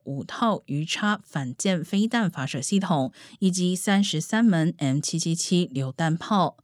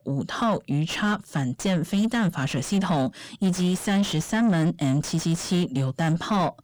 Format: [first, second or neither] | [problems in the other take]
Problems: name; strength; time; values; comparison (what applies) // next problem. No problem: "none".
first | distortion; slight; 9 dB below the speech